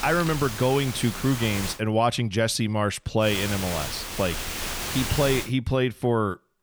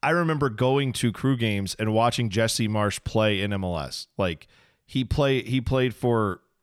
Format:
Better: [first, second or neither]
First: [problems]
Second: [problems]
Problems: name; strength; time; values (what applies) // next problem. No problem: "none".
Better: second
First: hiss; loud; until 1.5 s and from 3.5 to 5.5 s; 6 dB below the speech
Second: none